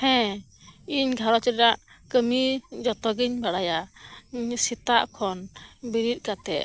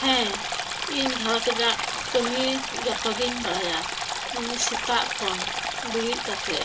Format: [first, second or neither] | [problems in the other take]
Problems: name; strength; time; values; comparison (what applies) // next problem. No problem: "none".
first | background sound (Stream); 1 dB below the speech // room echo; dies away in 0.2 s